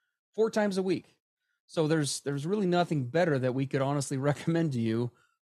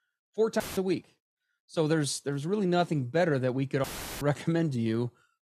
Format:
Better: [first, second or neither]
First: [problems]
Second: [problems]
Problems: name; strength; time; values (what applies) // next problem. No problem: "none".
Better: first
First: none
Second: audio cutting out; filled with static; at 0.5 s and at 4 s